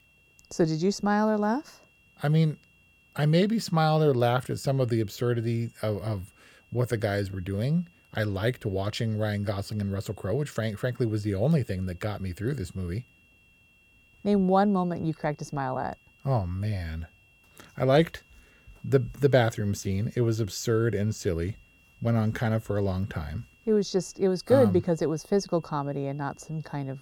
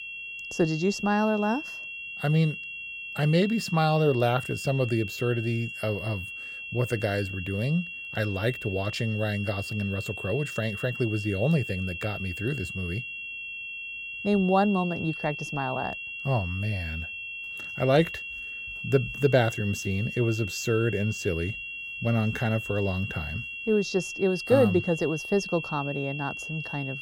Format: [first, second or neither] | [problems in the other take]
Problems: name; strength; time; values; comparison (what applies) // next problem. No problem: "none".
first | high-pitched whine; loud; throughout; 2.5 kHz, 7 dB below the speech; faint in the first